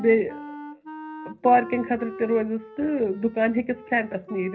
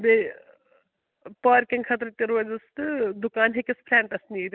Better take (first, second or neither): second